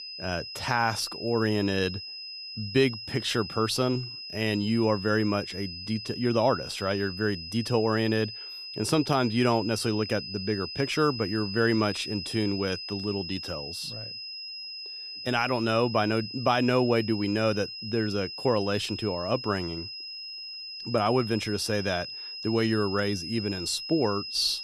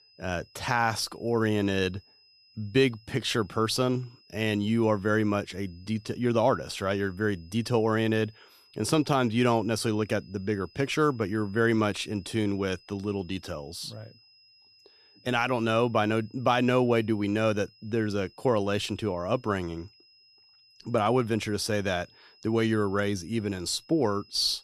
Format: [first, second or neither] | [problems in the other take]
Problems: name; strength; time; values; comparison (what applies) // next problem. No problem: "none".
second | high-pitched whine; loud; throughout; 5 kHz, 8 dB below the speech; faint in the second